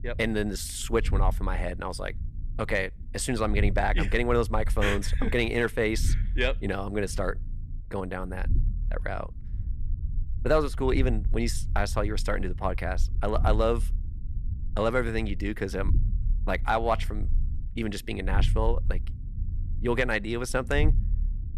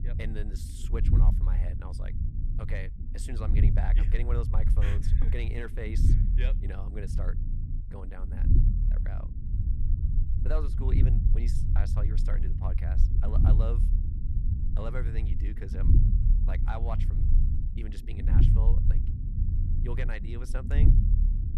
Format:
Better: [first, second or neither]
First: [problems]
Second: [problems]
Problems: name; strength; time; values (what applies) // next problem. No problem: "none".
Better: first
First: low rumble; faint; throughout; 20 dB below the speech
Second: low rumble; loud; throughout; 2 dB below the speech